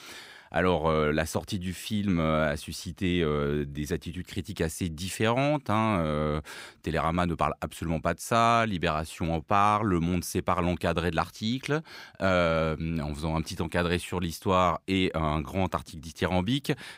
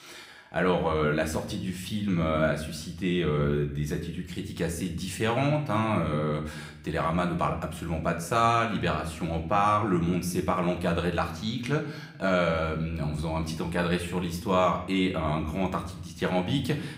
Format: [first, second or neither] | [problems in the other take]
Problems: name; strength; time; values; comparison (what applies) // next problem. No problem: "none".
first | room echo; slight; dies away in 0.7 s // off-mic speech; somewhat distant